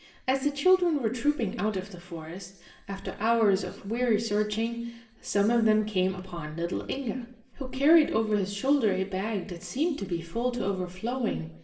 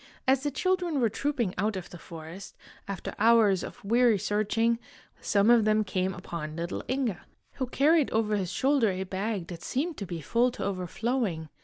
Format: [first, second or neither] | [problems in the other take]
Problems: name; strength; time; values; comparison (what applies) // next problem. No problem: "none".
second | room echo; dies away in 0.7 s